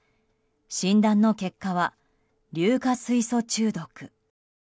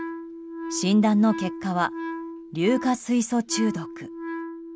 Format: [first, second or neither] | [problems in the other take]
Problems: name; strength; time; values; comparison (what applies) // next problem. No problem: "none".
first | background sound (Wind instrument, woodwind instrument); 9 dB below the speech